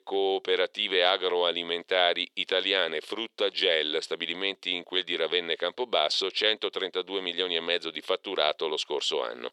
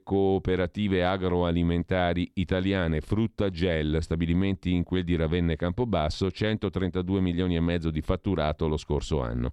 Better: second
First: thin; very; fading below 450 Hz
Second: none

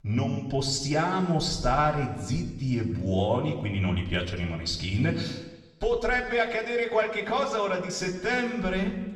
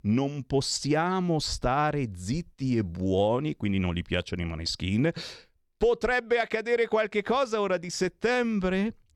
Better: second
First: room echo; slight; dies away in 1 s // off-mic speech; far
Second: none

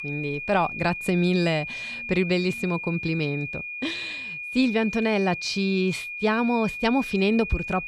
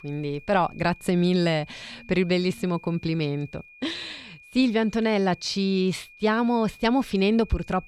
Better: second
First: high-pitched whine; loud; throughout; 2.5 kHz, 7 dB below the speech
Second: high-pitched whine; faint; throughout; 2.5 kHz, 25 dB below the speech

